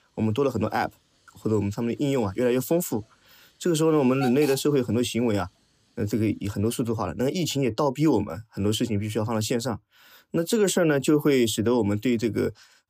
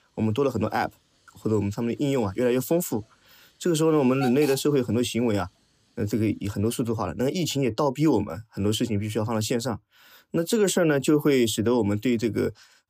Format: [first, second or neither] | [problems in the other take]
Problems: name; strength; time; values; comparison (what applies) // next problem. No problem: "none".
neither | hiss; noticeable; until 7 s; 10 dB below the speech; the same in both